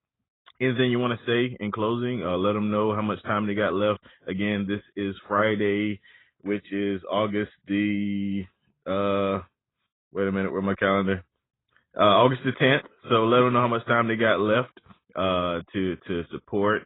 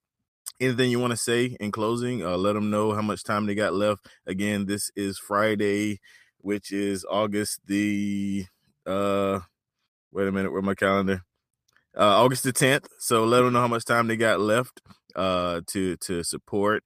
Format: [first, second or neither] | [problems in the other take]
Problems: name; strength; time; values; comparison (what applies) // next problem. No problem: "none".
second | garbled, watery; badly; nothing above 3.5 kHz